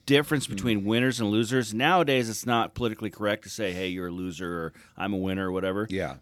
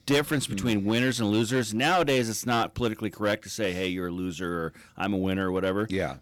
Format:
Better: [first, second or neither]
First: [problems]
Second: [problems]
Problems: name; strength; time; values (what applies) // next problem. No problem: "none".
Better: first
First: none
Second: distortion; slight; 8% of the sound clipped